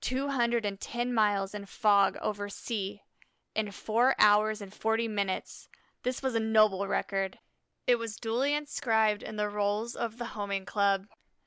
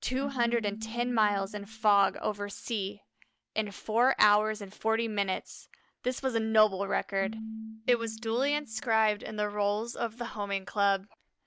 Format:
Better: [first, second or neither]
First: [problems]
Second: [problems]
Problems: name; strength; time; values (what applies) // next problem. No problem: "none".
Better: first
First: none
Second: noise reduction (neural mask model DeepFilterNet 3)